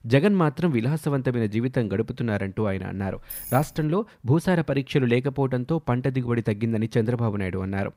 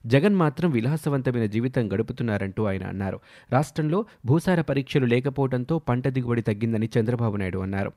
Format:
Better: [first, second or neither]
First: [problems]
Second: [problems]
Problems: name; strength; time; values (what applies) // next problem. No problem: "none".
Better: second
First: jangling keys; noticeable; at 3 s; peak 9 dB below the speech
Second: none